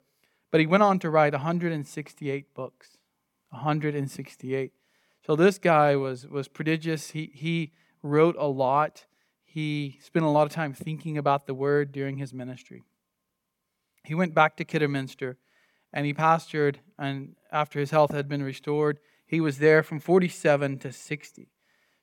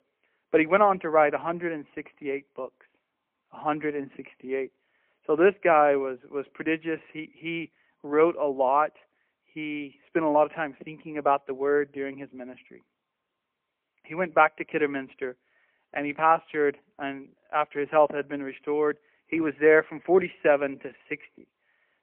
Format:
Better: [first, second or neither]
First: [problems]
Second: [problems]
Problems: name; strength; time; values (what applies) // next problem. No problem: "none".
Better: first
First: none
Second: phone-call audio; poor line